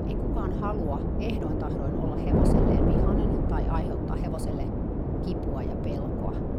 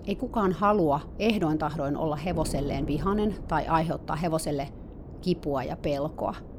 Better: second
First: wind noise on the microphone; heavy; 5 dB above the speech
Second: wind noise on the microphone; occasional gusts; 20 dB below the speech

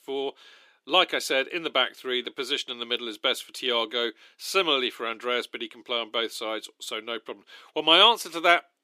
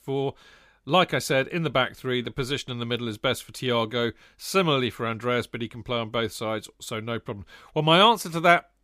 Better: second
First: thin; somewhat; fading below 300 Hz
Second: none

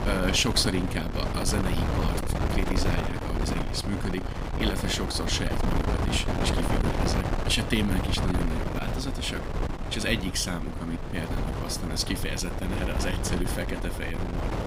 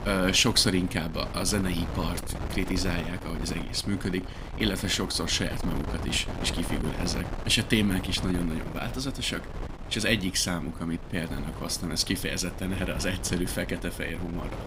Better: second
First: wind noise on the microphone; heavy; 3 dB below the speech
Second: wind noise on the microphone; occasional gusts; 10 dB below the speech

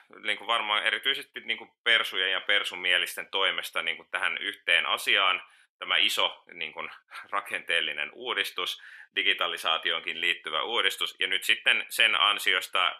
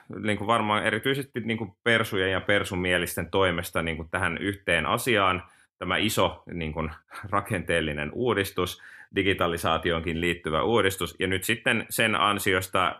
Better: second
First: thin; very; fading below 550 Hz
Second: none

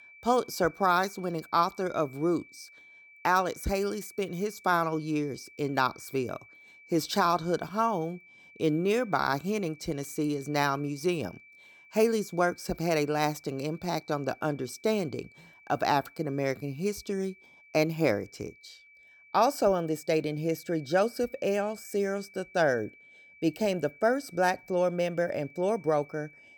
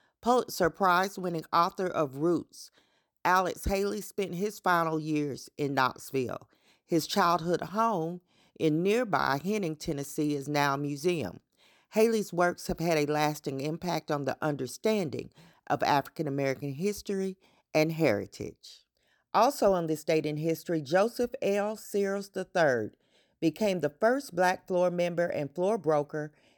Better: second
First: high-pitched whine; faint; throughout; 2.5 kHz, 25 dB below the speech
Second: none

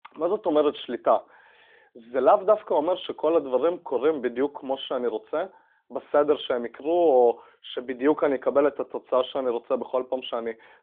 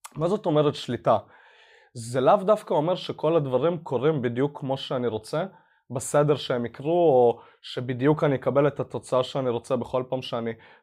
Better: second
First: phone-call audio; nothing above 3.5 kHz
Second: none

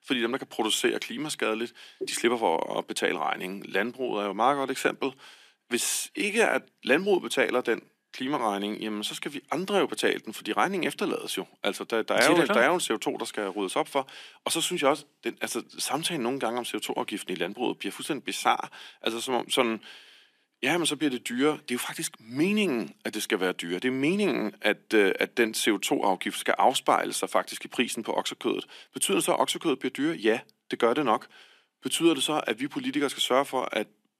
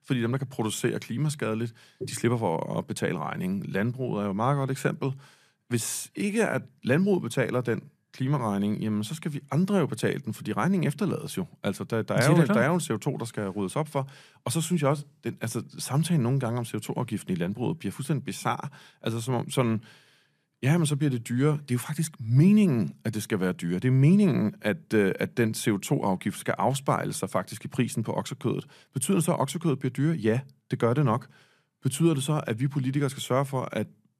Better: second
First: thin; somewhat; fading below 300 Hz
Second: none

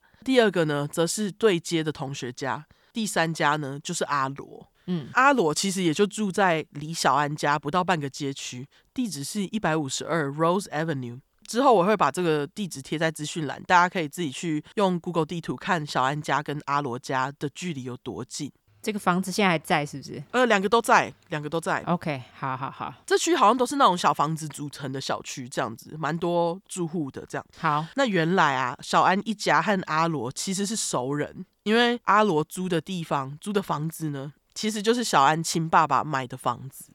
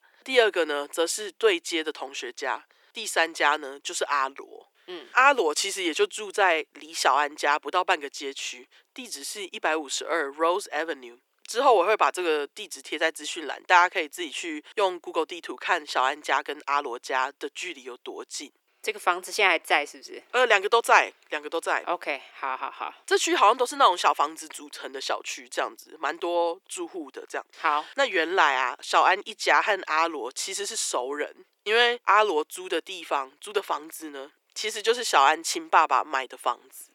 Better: first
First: none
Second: thin; very; fading below 350 Hz

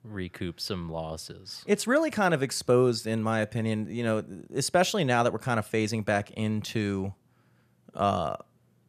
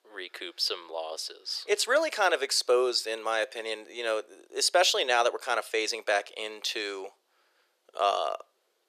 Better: first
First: none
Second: thin; very; fading below 400 Hz

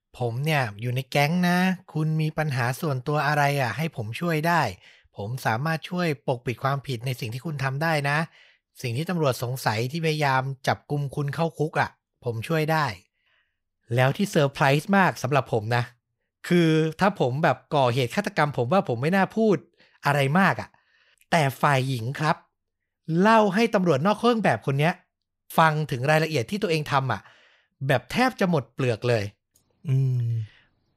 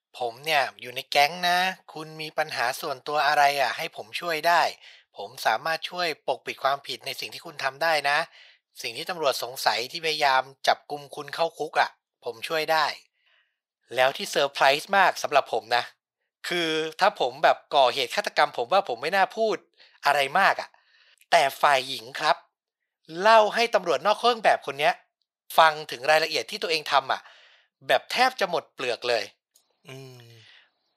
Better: first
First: none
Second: thin; very; fading below 550 Hz

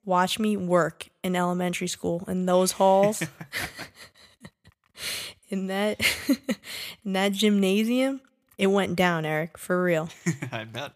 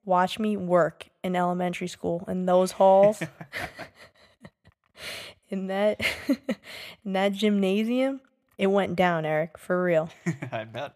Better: first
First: none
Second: muffled; slightly; fading above 3.5 kHz

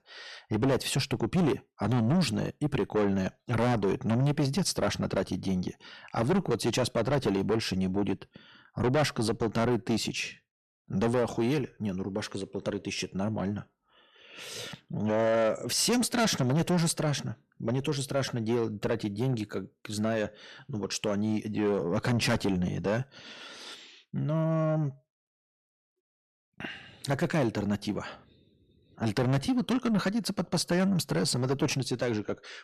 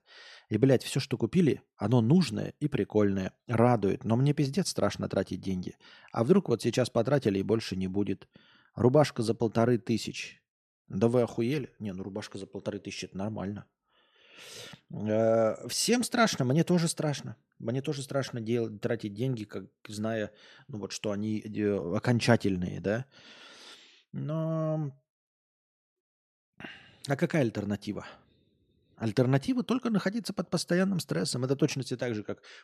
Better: second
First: distortion; heavy; 6 dB below the speech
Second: none

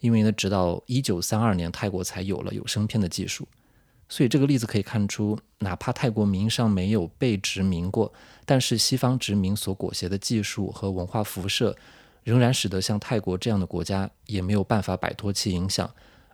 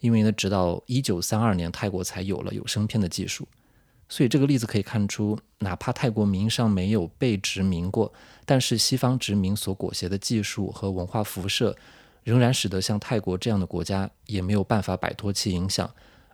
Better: neither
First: none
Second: none

